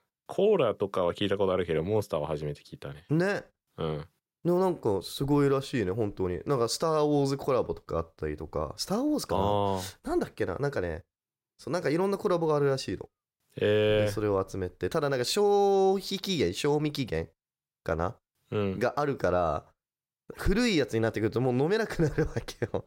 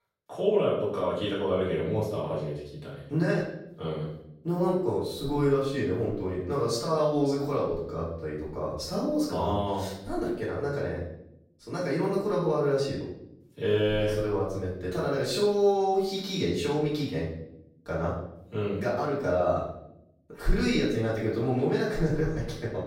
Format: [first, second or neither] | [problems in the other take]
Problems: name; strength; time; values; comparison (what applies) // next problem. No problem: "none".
first | off-mic speech; far // room echo; noticeable; dies away in 0.7 s